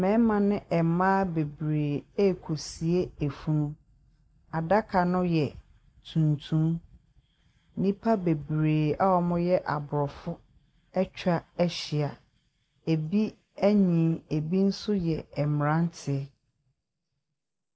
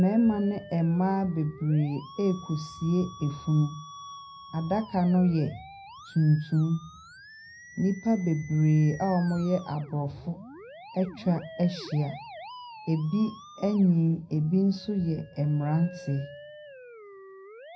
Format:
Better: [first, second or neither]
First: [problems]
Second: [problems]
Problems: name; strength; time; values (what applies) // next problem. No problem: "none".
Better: first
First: none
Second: background sound (Musical instrument); 18 dB below the speech // room echo; dies away in 0.4 s